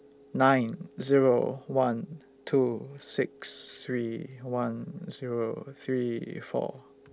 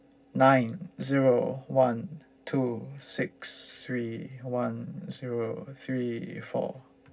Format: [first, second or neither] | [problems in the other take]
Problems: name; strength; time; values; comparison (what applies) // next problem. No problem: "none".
first | room echo; dies away in 0.4 s